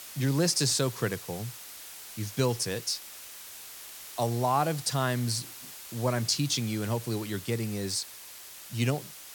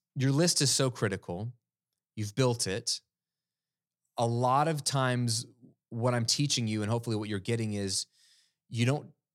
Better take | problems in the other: second | hiss; noticeable; throughout; 10 dB below the speech

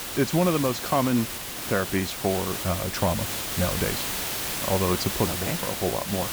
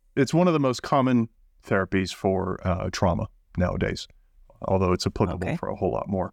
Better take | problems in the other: second | hiss; loud; throughout; 2 dB below the speech

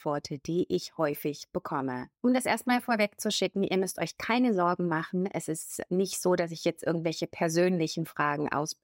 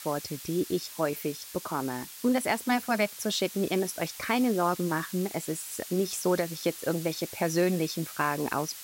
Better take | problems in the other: first | hiss; noticeable; throughout; 10 dB below the speech

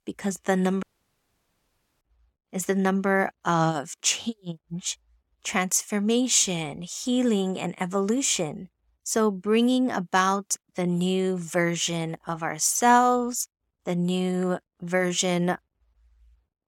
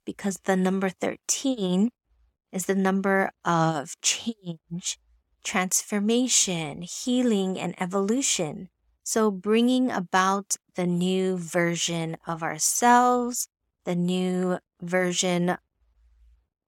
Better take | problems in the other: second | audio cutting out; at 1 s for 1 s

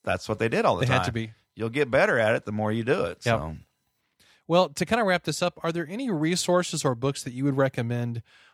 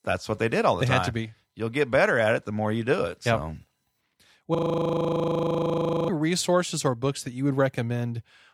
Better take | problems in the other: first | audio freezing; at 4.5 s for 1.5 s

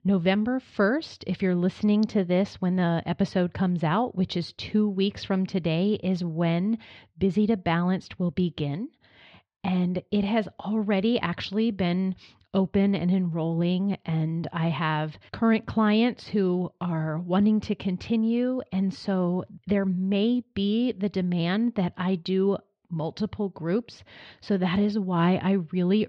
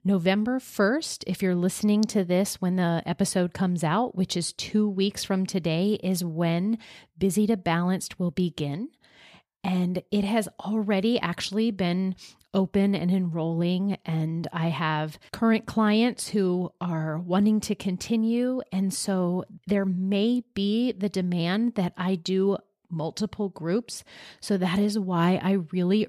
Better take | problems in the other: second | muffled; very slightly; fading above 4 kHz

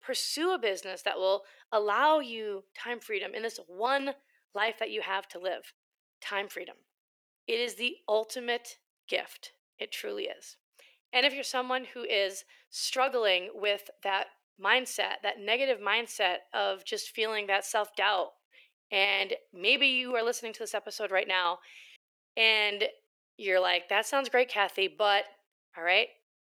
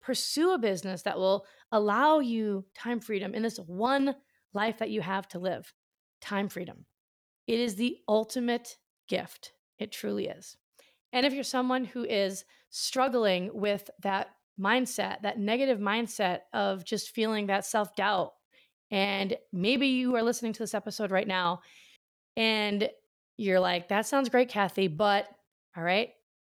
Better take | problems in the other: second | thin; somewhat; fading below 350 Hz

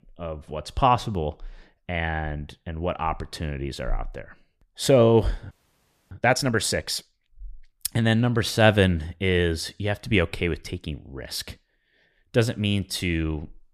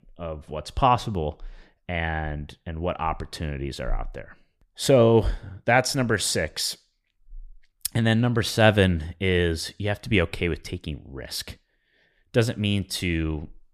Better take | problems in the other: second | audio freezing; at 5.5 s for 0.5 s

